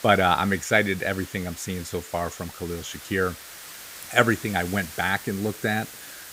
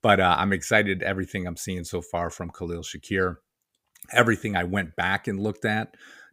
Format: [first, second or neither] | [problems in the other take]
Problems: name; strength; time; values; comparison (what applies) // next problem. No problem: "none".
second | hiss; noticeable; throughout; 15 dB below the speech